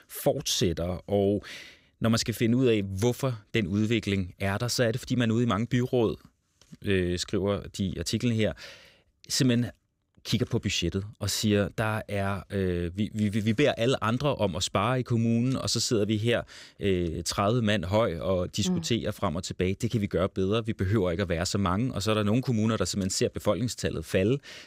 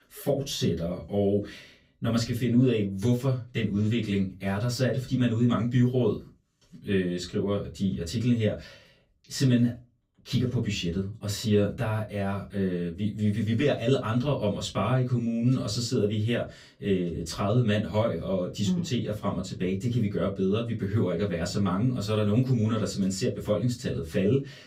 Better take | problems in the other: first | off-mic speech; far // room echo; very slight; dies away in 0.2 s

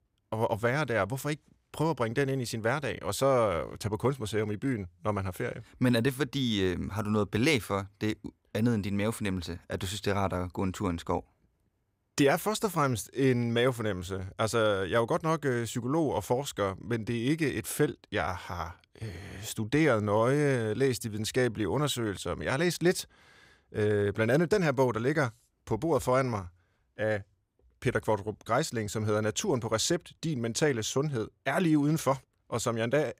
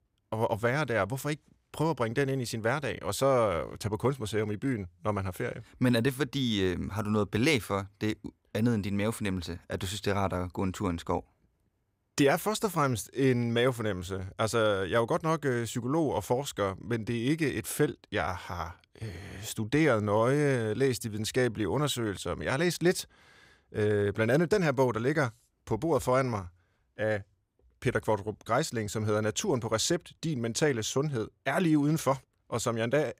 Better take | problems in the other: neither | none

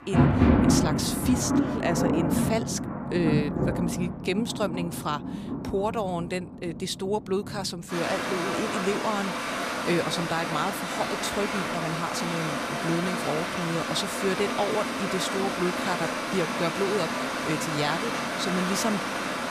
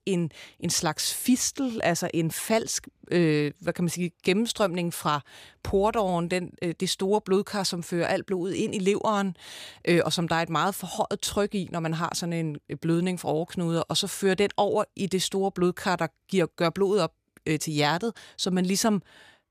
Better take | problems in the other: second | rain or running water; very loud; throughout; 2 dB above the speech

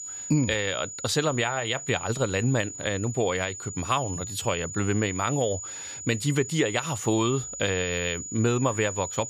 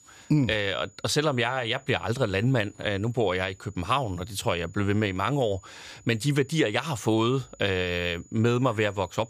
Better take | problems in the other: second | high-pitched whine; loud; throughout; 7 kHz, 8 dB below the speech; faint in the second

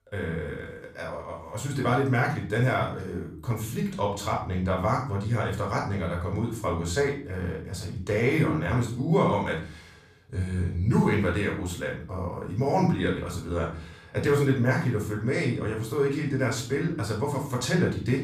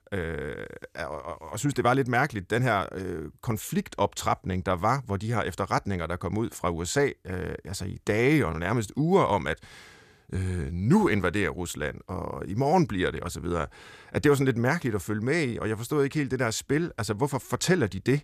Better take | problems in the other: second | off-mic speech; far // room echo; noticeable; dies away in 0.4 s

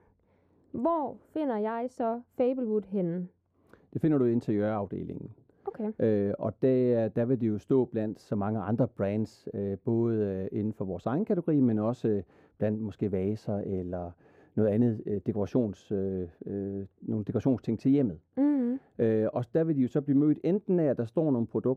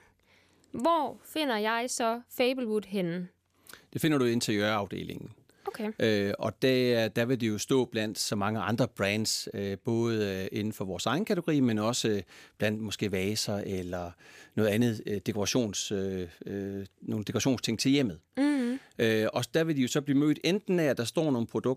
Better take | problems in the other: second | muffled; very; fading above 1.5 kHz

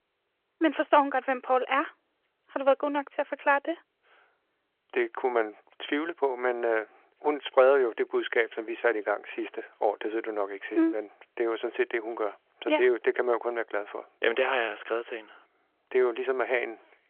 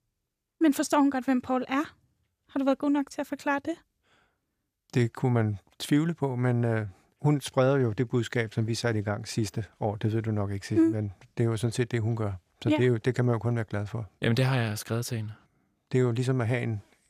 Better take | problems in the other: second | phone-call audio

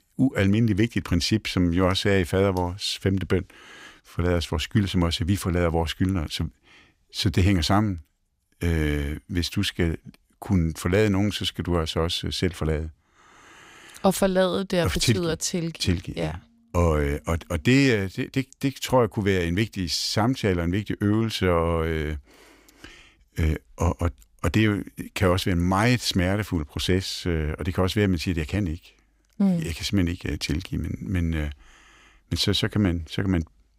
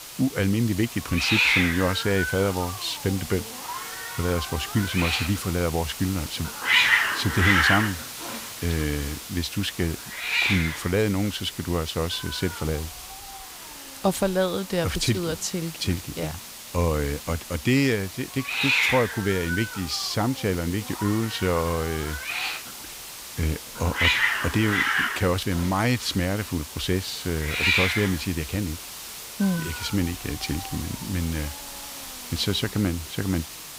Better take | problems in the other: first | hiss; loud; throughout; 1 dB below the speech

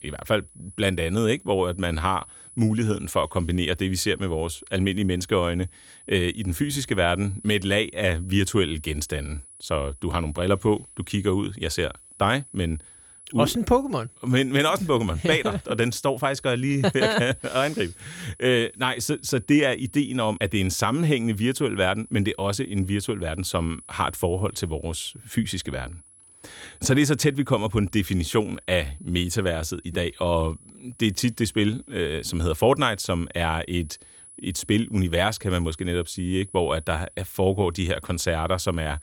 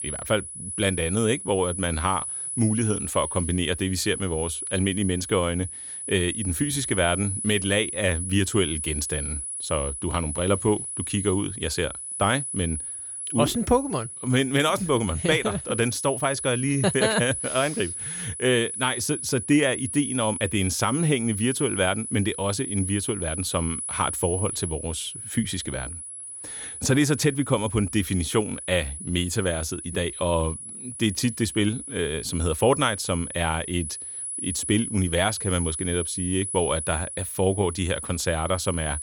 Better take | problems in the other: first | high-pitched whine; loud; throughout; 10 kHz, 5 dB below the speech; faint in the first

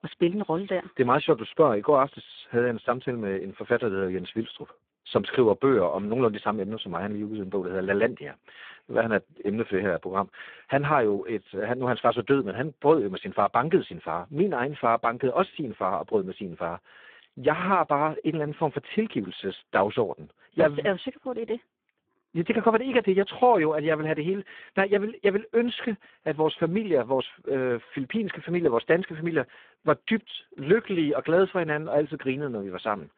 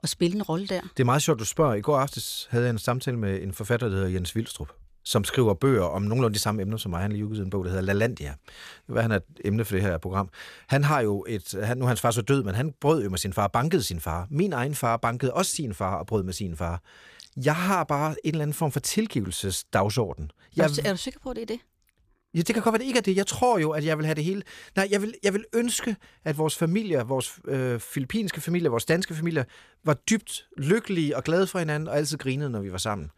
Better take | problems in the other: second | phone-call audio; poor line

